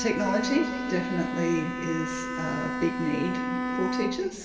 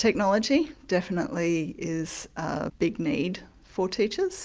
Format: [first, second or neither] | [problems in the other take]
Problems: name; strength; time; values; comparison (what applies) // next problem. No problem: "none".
second | background sound (Bowed string instrument); 2 dB below the speech // room echo; dies away in 2.5 s